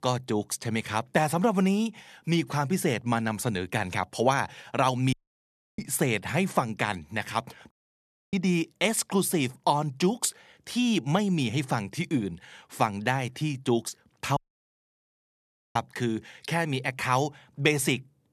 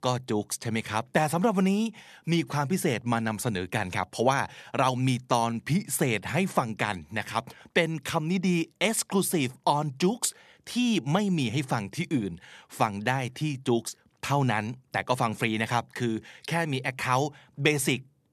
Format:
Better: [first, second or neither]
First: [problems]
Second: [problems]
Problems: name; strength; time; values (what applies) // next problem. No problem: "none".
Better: second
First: audio cutting out; at 5 s for 0.5 s, at 7.5 s for 0.5 s and at 14 s for 1.5 s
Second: none